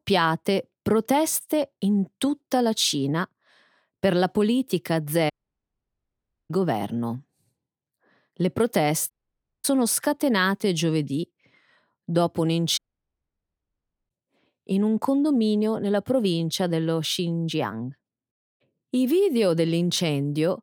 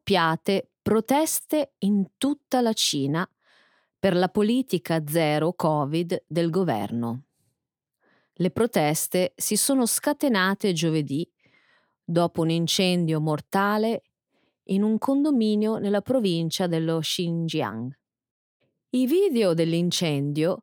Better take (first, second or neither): second